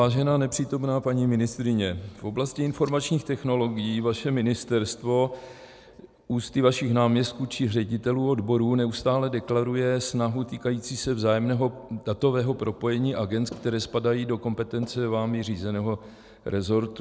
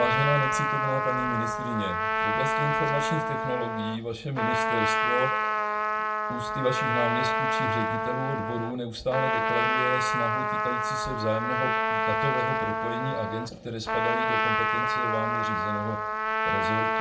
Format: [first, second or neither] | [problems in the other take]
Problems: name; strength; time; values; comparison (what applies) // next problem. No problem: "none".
first | background sound (Trumpet); 5 dB above the speech // room echo; dies away in 0.2 s